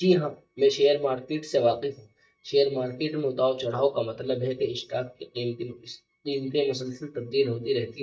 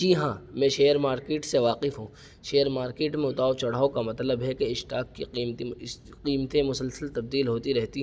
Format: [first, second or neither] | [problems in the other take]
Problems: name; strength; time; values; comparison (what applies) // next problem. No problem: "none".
second | noise reduction (neural mask model DeepFilterNet 3)